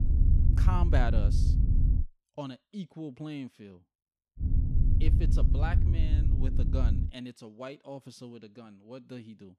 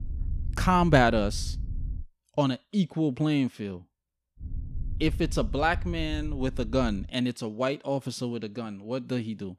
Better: second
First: low rumble; loud; until 2 s and from 4.5 to 7 s; 3 dB below the speech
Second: low rumble; faint; until 2 s and from 4.5 to 7 s; 25 dB below the speech

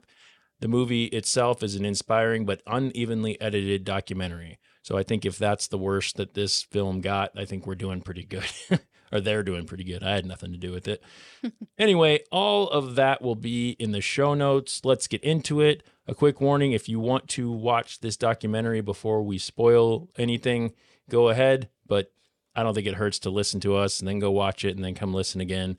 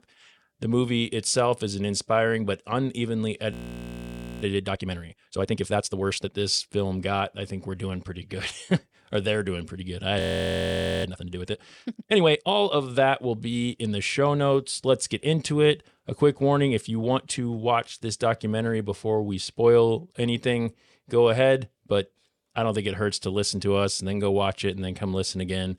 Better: first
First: none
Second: audio freezing; at 3.5 s for 1 s and at 10 s for 1 s

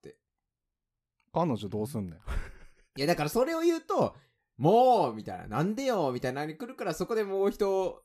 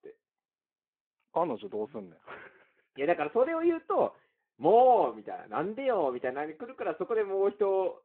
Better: first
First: none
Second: phone-call audio

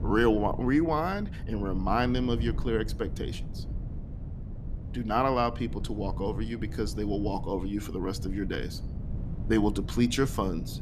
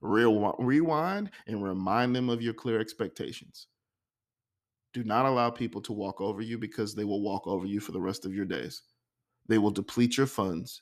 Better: second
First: wind noise on the microphone; occasional gusts; 20 dB below the speech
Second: none

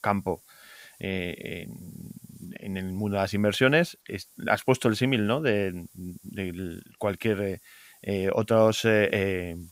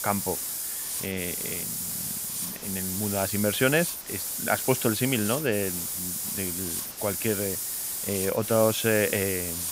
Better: first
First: hiss; faint; throughout; 30 dB below the speech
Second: hiss; loud; throughout; 1 dB below the speech

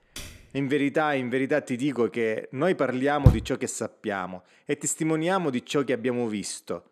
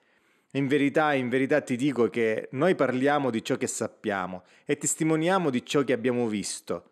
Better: second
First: keyboard typing; faint; at the start; peak 15 dB below the speech // door banging; loud; at 3.5 s; peak 5 dB above the speech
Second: none

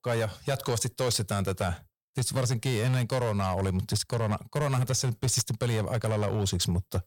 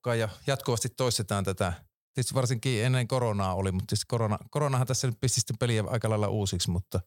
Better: second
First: distortion; slight; 10% of the sound clipped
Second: none

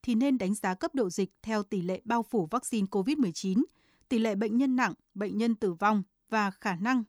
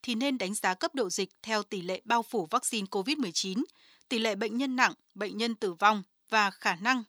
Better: first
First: none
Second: thin; somewhat; fading below 750 Hz

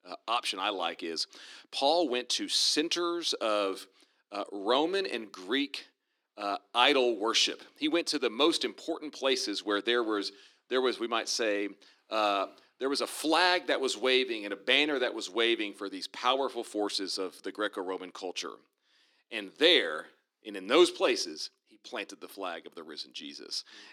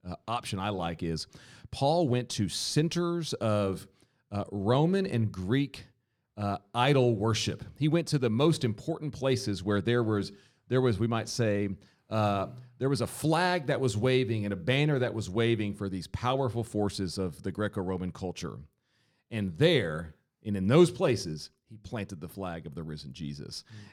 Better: second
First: thin; somewhat; fading below 300 Hz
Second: none

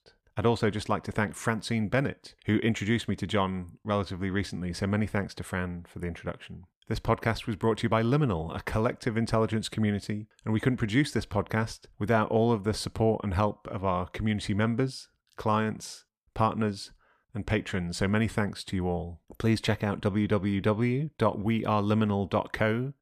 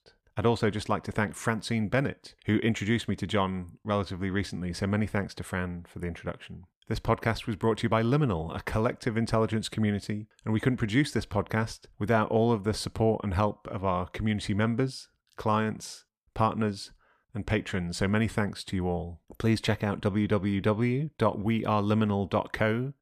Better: neither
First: none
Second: none

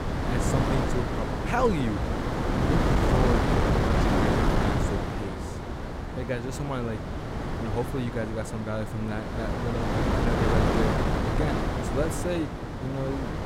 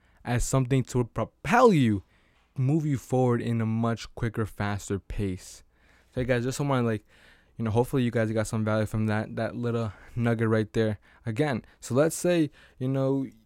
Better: second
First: wind noise on the microphone; heavy; 4 dB above the speech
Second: none

